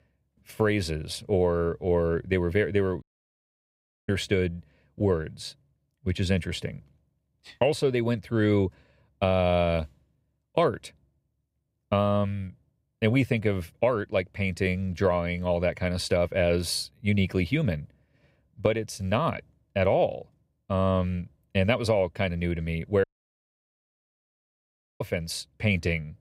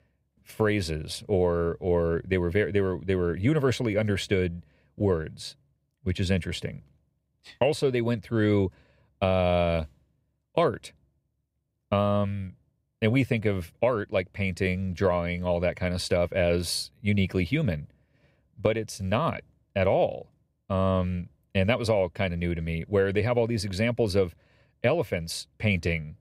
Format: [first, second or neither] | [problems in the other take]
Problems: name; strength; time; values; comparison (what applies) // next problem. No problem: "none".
second | audio cutting out; at 3 s for 1 s and at 23 s for 2 s